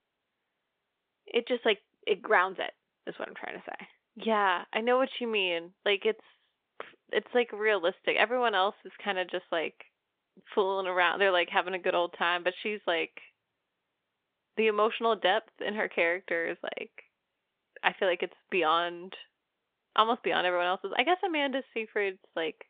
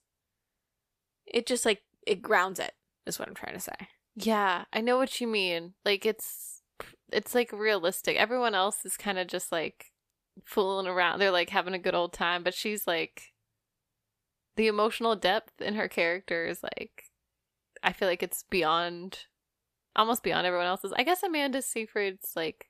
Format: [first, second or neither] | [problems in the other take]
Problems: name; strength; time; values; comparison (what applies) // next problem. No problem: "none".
second | phone-call audio